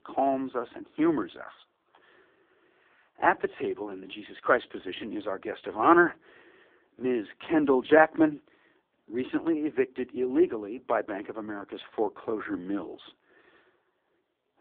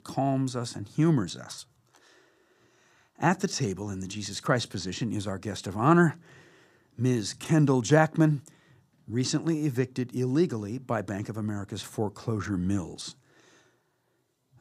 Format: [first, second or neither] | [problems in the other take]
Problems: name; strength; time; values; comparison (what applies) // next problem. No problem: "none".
second | phone-call audio; poor line